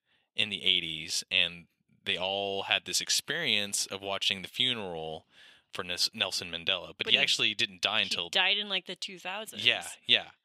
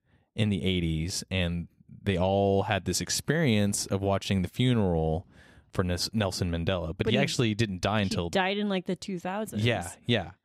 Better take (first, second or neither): second